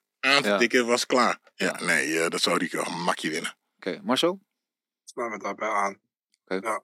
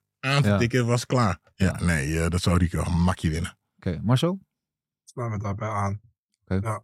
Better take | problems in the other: second | thin; somewhat; fading below 250 Hz

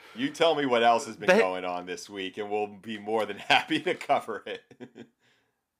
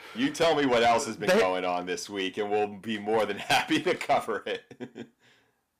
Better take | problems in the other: first | distortion; heavy; 8 dB below the speech

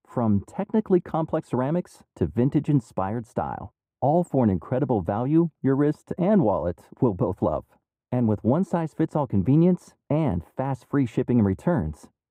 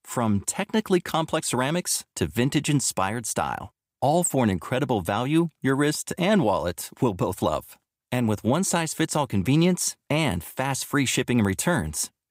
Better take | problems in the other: second | muffled; very; fading above 2 kHz

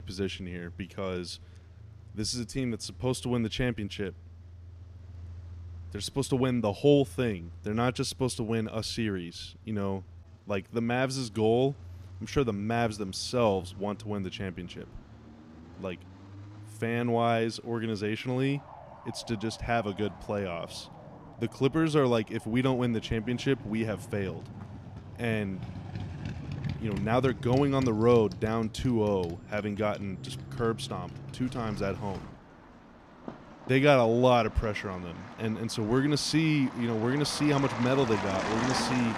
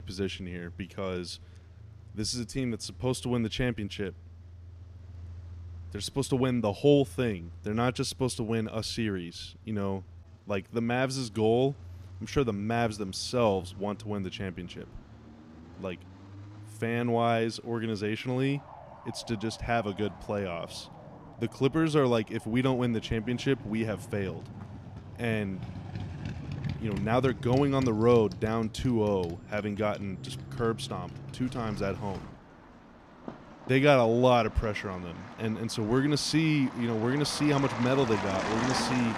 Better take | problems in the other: neither | traffic noise; noticeable; throughout; 15 dB below the speech; the same in both

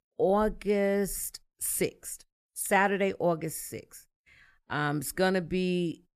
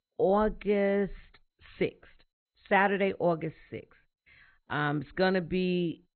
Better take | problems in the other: first | garbled, watery; badly; nothing above 4 kHz

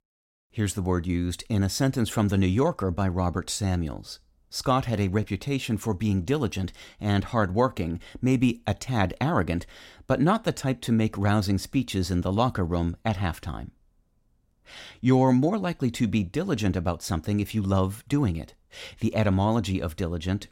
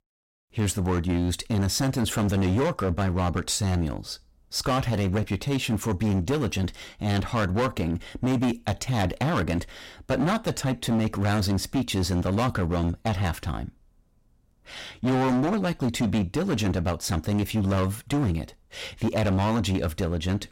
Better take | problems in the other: first | distortion; heavy; 18% of the sound clipped

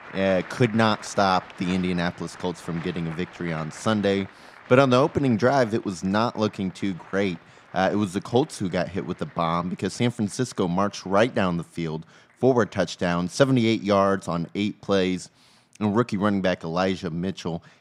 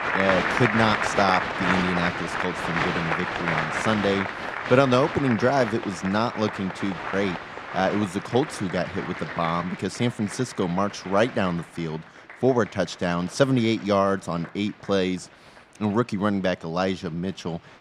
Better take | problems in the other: first | crowd noise; loud; throughout; 3 dB below the speech; faint in the first

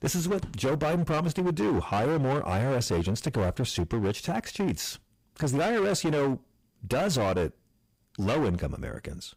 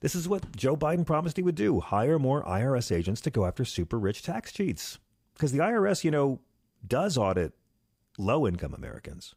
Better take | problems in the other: second | distortion; heavy; 20% of the sound clipped

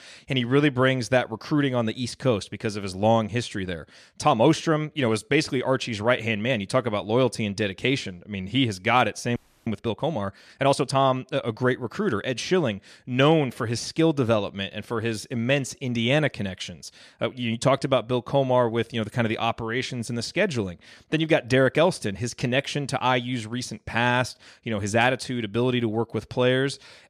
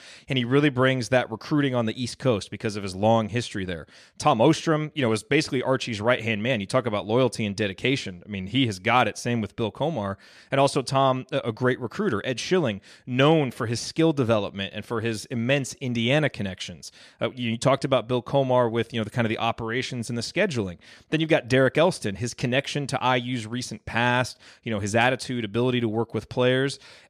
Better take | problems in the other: second | audio freezing; at 9.5 s

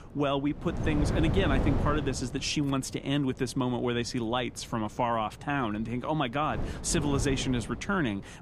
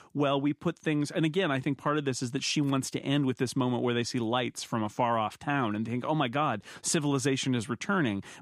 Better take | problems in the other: second | wind noise on the microphone; heavy; 8 dB below the speech

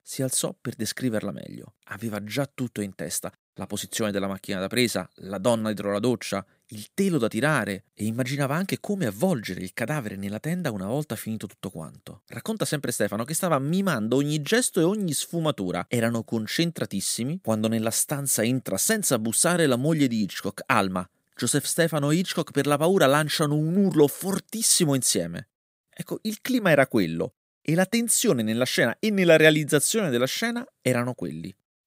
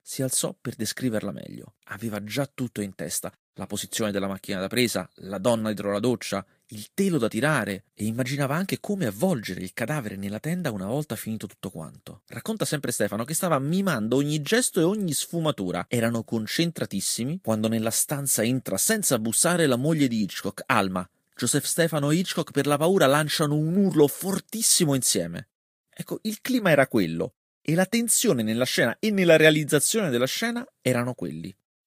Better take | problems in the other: first | garbled, watery; slightly; nothing above 15.5 kHz

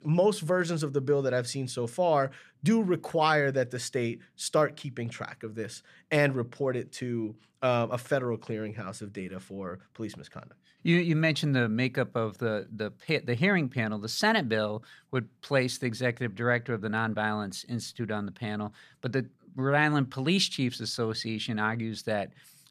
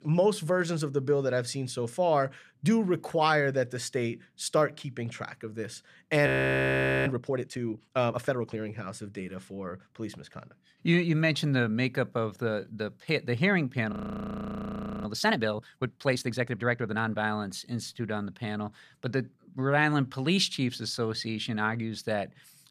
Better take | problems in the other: first | audio freezing; at 6.5 s for 1 s and at 14 s for 1 s

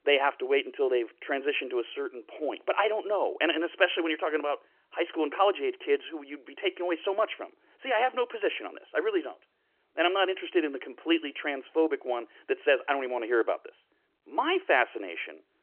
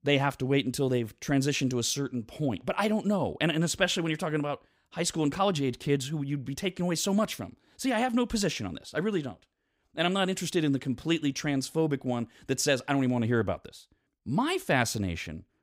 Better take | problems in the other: second | phone-call audio; nothing above 3 kHz

